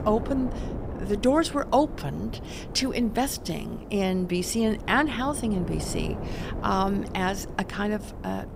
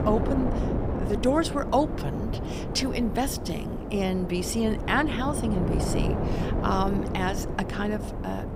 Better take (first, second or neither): first